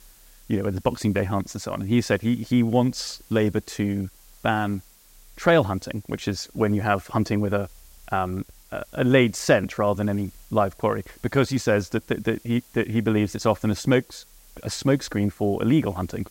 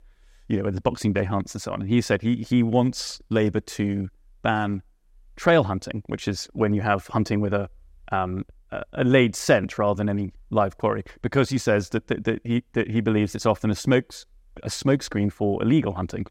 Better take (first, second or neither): second